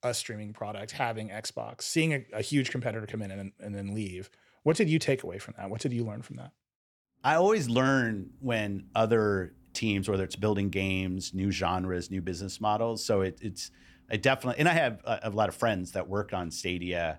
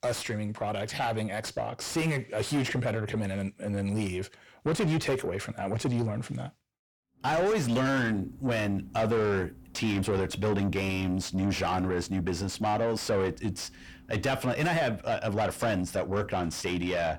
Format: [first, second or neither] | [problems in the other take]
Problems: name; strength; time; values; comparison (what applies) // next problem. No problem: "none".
first | distortion; heavy; 5 dB below the speech